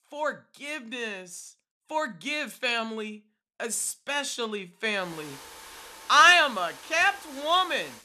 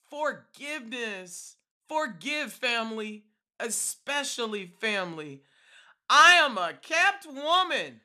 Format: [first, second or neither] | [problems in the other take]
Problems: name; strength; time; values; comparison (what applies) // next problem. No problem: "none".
second | household noises; noticeable; from 5 s on; 20 dB below the speech